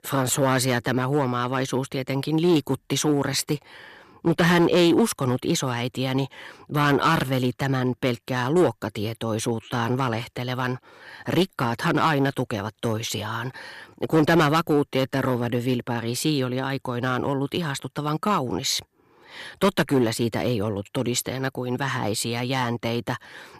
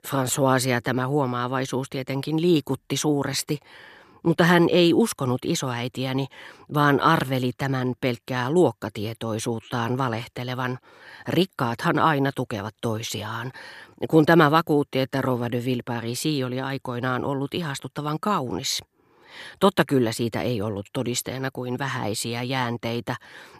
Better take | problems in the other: second | distortion; slight; 3% of the sound clipped

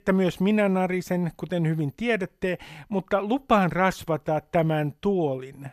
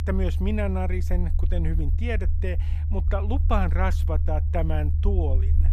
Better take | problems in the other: first | low rumble; noticeable; throughout; 10 dB below the speech

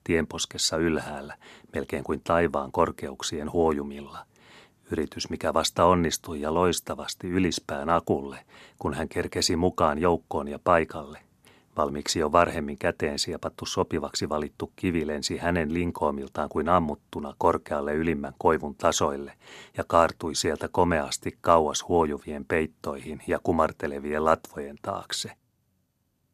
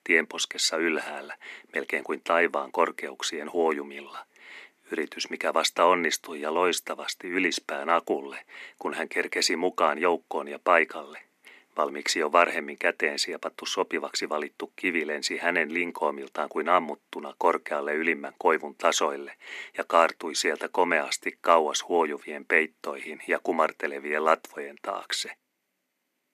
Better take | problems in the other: first | thin; somewhat; fading below 250 Hz

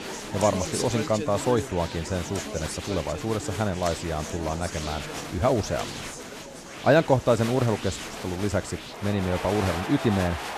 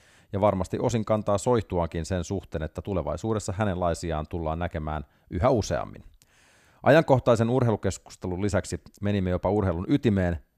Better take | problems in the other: second | crowd noise; loud; throughout; 7 dB below the speech

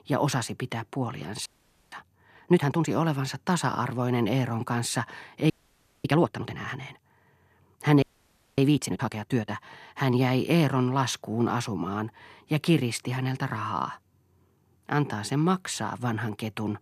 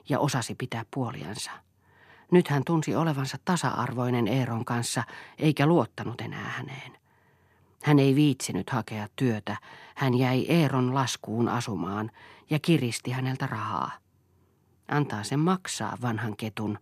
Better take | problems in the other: second | audio freezing; at 1.5 s, at 5.5 s for 0.5 s and at 8 s for 0.5 s

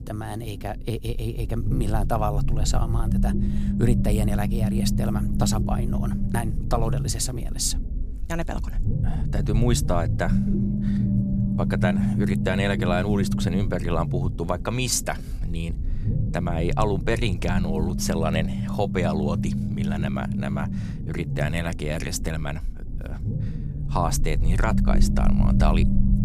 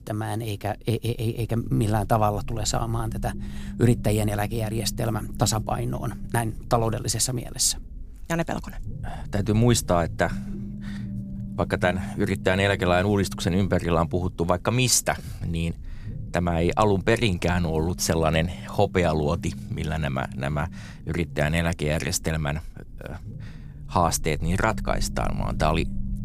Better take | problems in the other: second | low rumble; loud; throughout; 6 dB below the speech; faint in the second

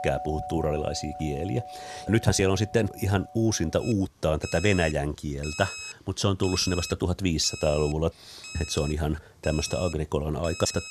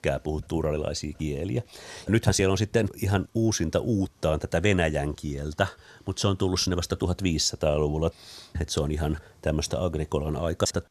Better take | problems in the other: second | alarms or sirens; noticeable; throughout; 10 dB below the speech

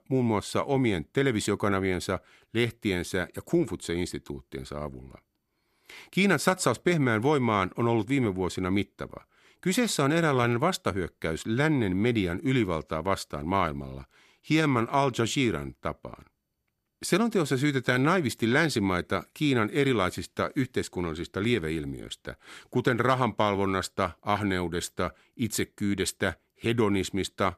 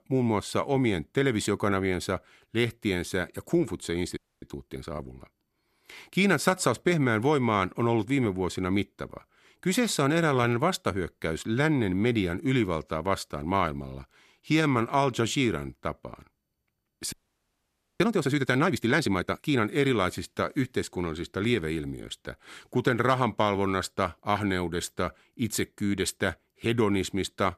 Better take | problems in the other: first | audio freezing; at 4 s and at 17 s for 1 s

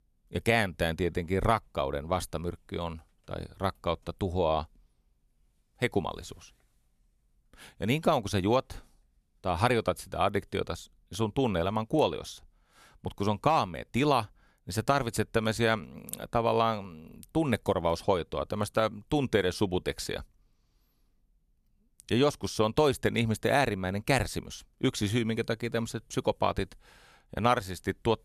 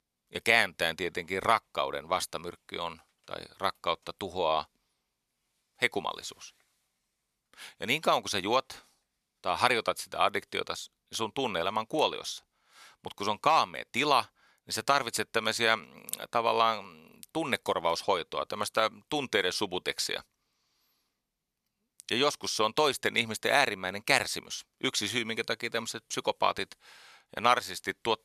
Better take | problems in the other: first | thin; somewhat; fading below 700 Hz

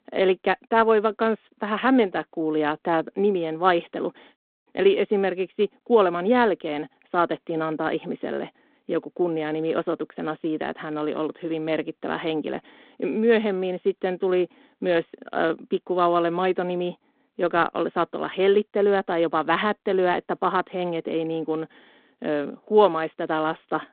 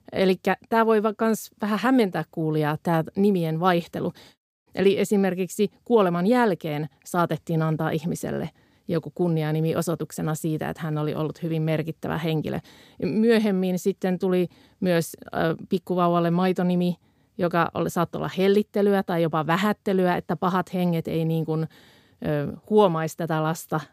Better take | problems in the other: second | phone-call audio

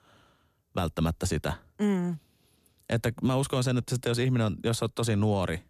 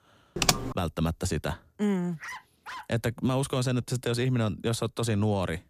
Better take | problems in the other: first | keyboard typing; loud; at 0.5 s; peak 4 dB above the speech // dog barking; faint; at 2 s; peak 10 dB below the speech

